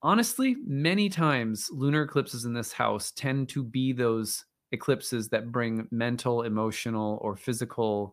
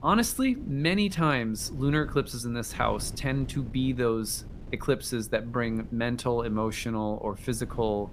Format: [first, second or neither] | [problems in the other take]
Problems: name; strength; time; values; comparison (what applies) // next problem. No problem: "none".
first | wind noise on the microphone; occasional gusts; 25 dB below the speech